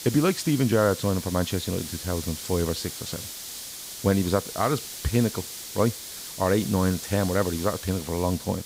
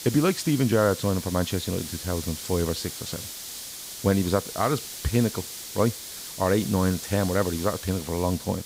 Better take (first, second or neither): neither